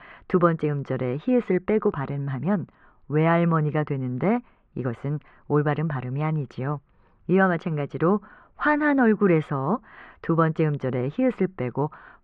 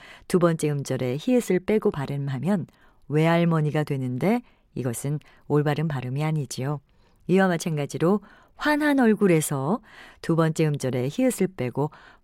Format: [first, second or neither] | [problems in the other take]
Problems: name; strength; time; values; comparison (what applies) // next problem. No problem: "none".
second | muffled; very; fading above 2.5 kHz